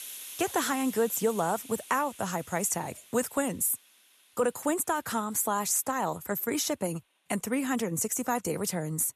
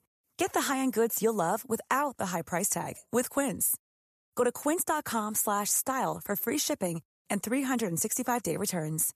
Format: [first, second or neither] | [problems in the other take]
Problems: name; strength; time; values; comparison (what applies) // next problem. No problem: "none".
second | hiss; noticeable; throughout; 15 dB below the speech